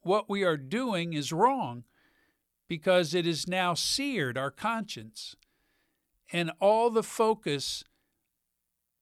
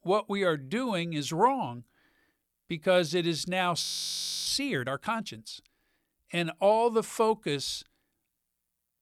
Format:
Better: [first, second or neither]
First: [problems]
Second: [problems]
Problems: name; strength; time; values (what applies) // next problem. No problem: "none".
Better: first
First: none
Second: audio freezing; at 4 s for 0.5 s